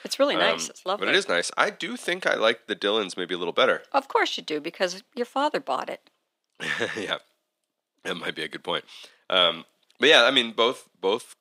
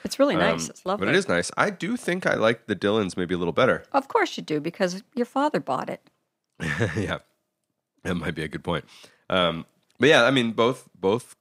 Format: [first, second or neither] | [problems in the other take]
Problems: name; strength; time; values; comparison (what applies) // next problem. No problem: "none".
second | thin; somewhat; fading below 350 Hz